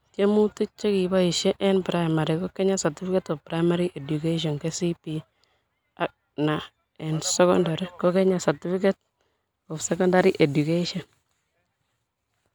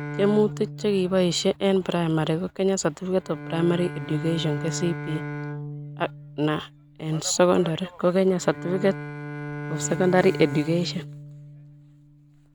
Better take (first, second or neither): first